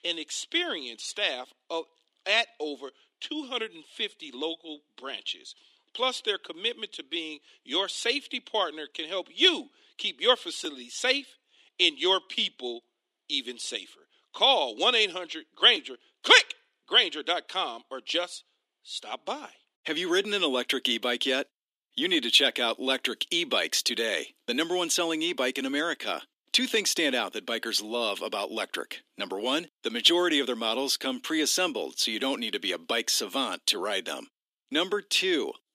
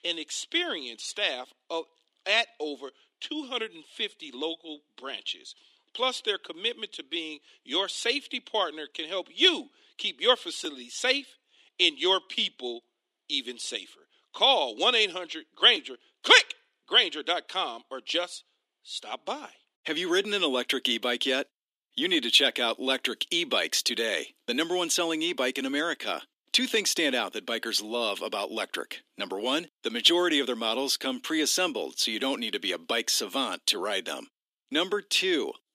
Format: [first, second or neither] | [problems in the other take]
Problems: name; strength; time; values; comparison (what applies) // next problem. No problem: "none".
neither | thin; somewhat; fading below 300 Hz; the same in both